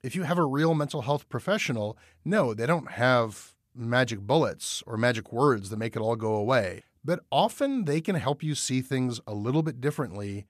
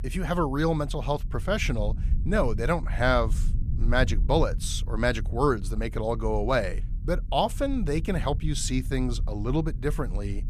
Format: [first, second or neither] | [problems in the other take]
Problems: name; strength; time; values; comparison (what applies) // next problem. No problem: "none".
first | low rumble; faint; throughout; 20 dB below the speech